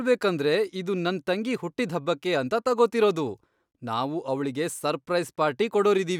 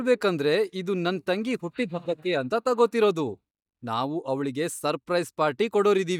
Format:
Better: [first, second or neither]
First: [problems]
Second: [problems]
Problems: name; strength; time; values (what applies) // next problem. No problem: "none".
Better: first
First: none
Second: noise reduction (neural mask model DeepFilterNet 3)